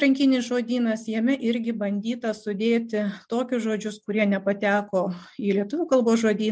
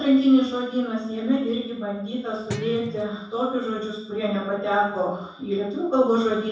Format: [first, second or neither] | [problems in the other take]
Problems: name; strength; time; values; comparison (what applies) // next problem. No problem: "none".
first | background sound (Guitar); 13 dB below the speech // room echo; dies away in 0.7 s